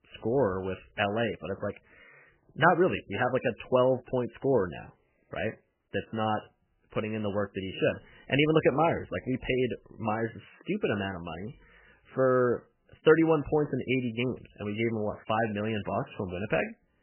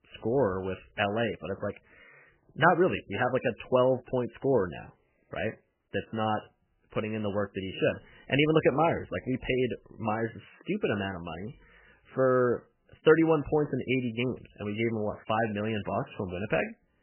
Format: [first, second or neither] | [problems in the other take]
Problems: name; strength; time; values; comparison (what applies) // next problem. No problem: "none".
neither | garbled, watery; badly; nothing above 3 kHz; the same in both